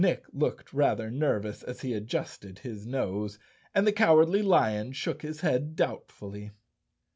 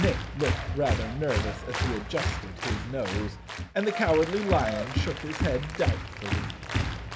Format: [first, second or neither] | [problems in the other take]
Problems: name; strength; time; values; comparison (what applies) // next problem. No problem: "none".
first | background sound (Applause); as loud as the speech